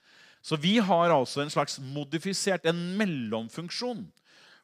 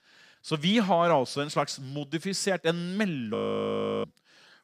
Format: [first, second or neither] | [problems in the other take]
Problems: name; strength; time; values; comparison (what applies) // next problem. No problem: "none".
first | audio freezing; at 3.5 s for 0.5 s